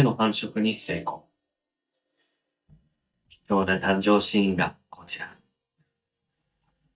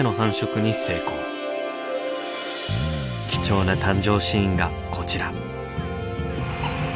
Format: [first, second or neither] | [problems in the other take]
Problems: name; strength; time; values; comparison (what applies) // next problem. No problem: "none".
second | noise reduction (neural mask model DeepFilterNet 3)